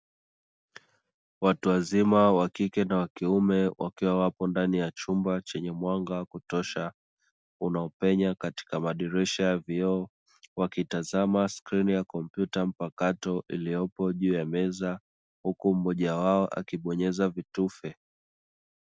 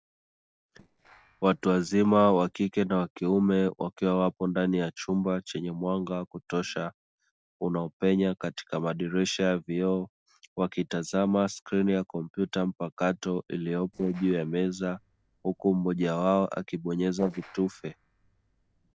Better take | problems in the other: first | noise reduction (neural separator model SepFormer DNS4)

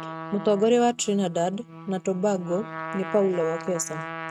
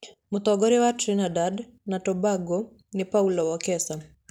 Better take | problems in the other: second | noise reduction (neural mask model RNNoise)

